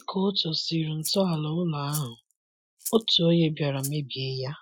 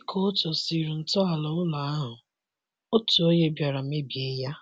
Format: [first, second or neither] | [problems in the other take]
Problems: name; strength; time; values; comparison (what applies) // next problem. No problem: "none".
second | noise reduction (classical method Wiener filter)